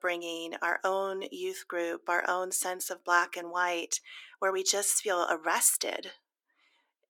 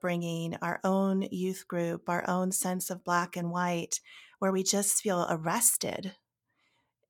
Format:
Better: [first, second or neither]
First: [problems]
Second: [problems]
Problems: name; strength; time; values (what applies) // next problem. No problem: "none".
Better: second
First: thin; very; fading below 300 Hz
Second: none